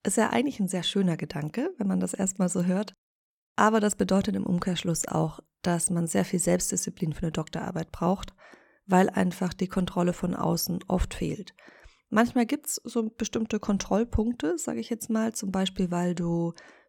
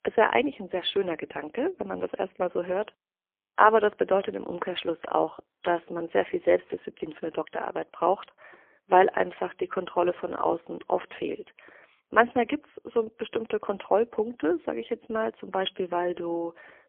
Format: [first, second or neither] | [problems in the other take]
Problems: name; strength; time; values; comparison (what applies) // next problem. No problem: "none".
first | phone-call audio; poor line; nothing above 3.5 kHz